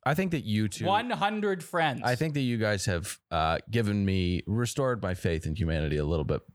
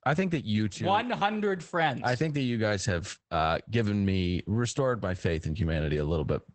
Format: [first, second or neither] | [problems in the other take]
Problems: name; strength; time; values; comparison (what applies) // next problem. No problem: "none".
first | garbled, watery; badly; nothing above 8 kHz